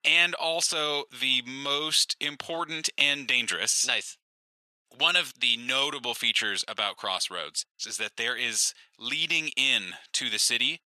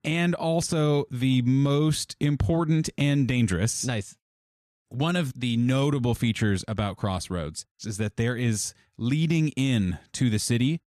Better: second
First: thin; very; fading below 800 Hz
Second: none

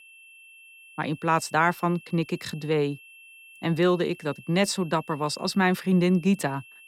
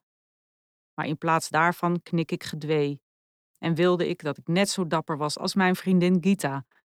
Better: second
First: high-pitched whine; faint; throughout; 2.5 kHz, 20 dB below the speech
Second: none

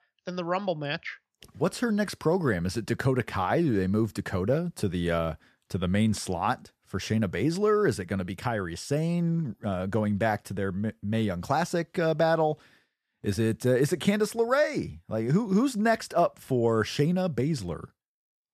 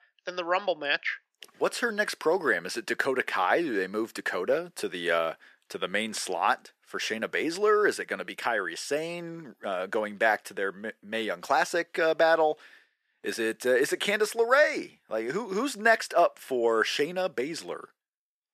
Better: first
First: none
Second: thin; very; fading below 350 Hz

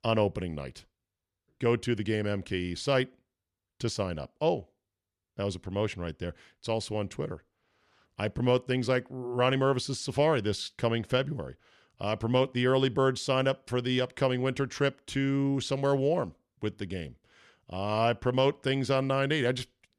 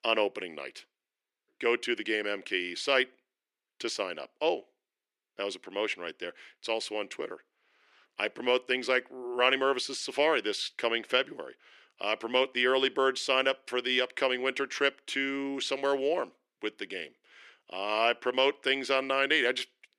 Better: first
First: none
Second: thin; somewhat; fading below 300 Hz

